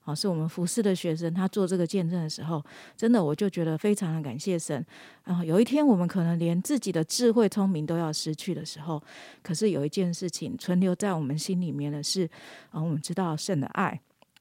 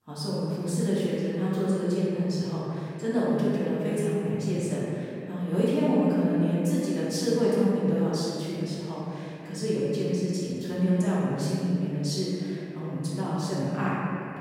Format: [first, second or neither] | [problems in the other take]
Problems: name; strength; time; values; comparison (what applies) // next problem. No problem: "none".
first | room echo; strong; dies away in 2.6 s // off-mic speech; far